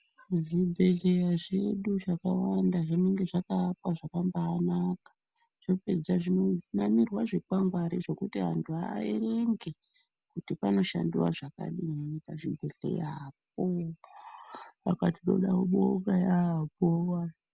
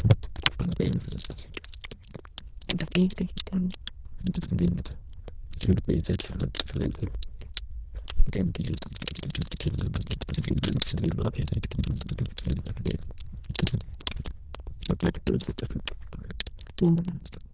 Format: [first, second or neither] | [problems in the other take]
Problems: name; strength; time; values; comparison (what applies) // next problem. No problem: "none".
first | noise reduction (neural diffusion model UNIVERSE++)